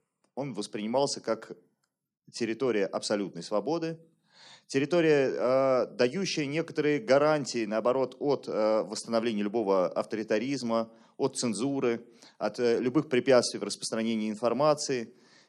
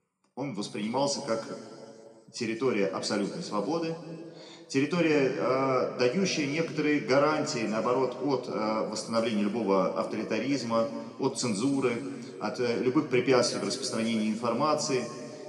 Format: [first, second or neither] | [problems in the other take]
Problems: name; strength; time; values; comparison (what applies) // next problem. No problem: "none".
first | room echo; noticeable; dies away in 2.1 s // off-mic speech; somewhat distant